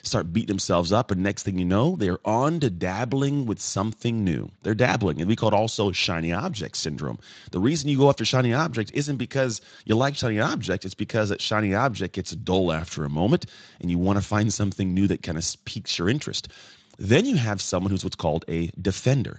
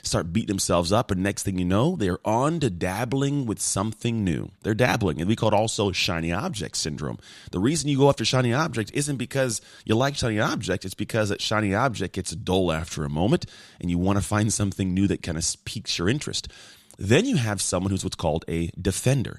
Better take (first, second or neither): second